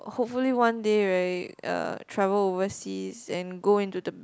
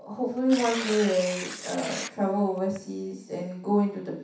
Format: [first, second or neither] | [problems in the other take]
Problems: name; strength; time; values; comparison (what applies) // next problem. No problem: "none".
first | background sound (Tearing); 12 dB below the speech // room echo; dies away in 0.7 s